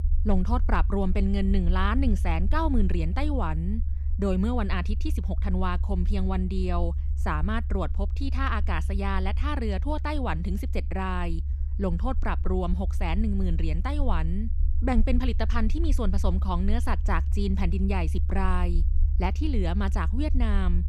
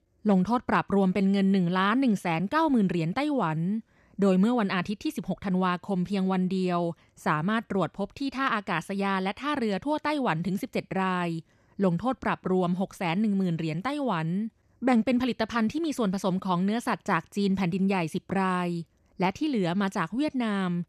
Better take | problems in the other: second | low rumble; noticeable; throughout; 15 dB below the speech

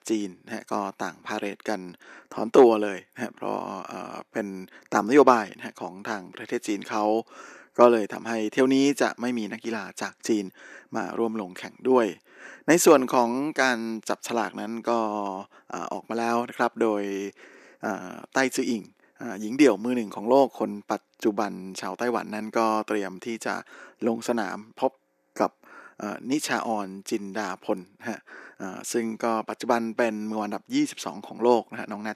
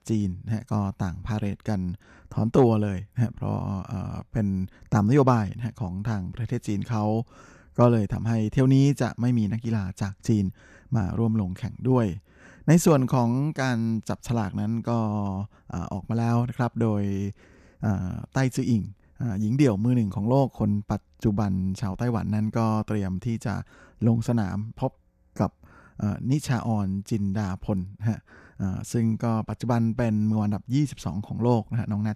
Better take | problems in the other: second | thin; somewhat; fading below 300 Hz

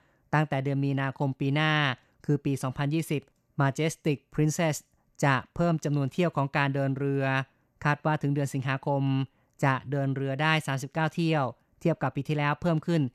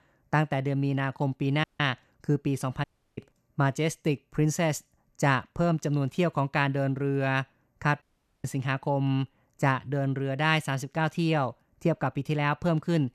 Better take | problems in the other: first | audio cutting out; at 1.5 s, at 3 s and at 8 s

